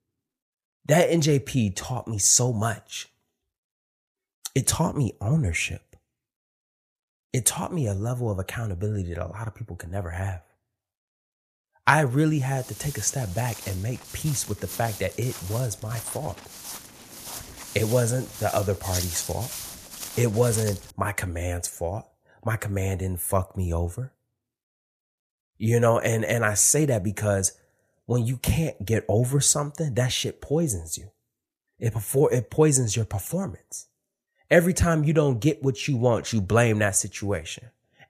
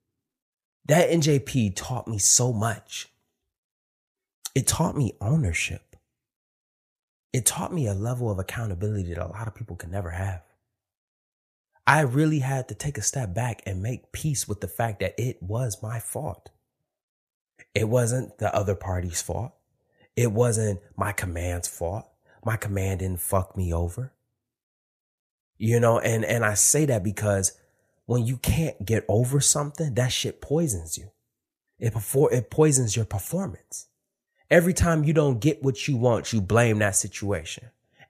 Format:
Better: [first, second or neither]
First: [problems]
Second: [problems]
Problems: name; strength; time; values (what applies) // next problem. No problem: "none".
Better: second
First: footsteps; noticeable; from 13 to 21 s; peak 4 dB below the speech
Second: none